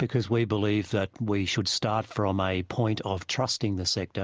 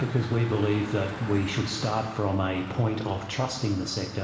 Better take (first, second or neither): first